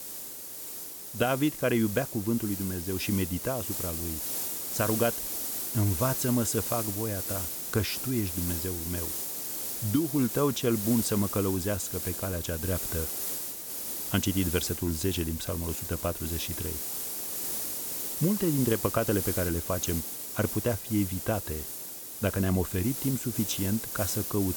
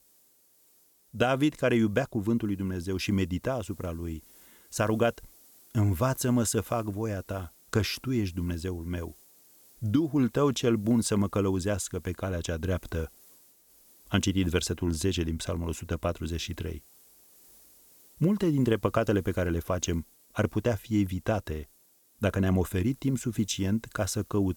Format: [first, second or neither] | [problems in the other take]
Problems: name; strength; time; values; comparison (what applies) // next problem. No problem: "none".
second | hiss; loud; throughout; 2 dB below the speech; faint in the second